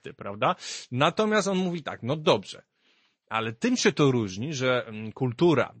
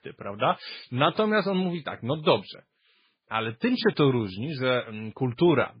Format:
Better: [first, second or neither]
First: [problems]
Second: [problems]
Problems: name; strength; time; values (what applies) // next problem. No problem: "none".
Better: first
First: garbled, watery; slightly; nothing above 8 kHz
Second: garbled, watery; badly; nothing above 5 kHz